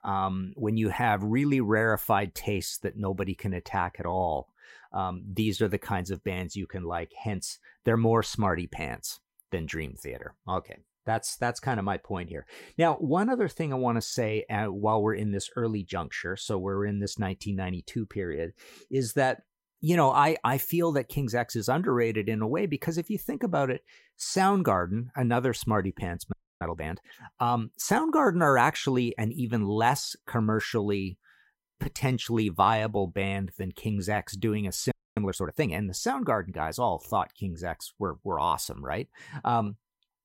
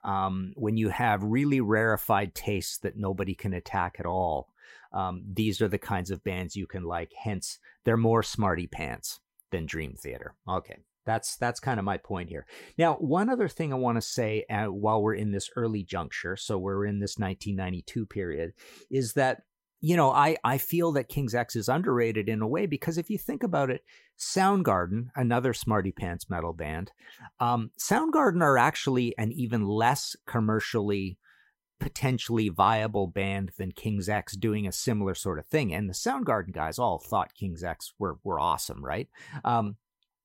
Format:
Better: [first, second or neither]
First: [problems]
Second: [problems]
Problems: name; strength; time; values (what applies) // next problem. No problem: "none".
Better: second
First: audio freezing; at 26 s and at 35 s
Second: none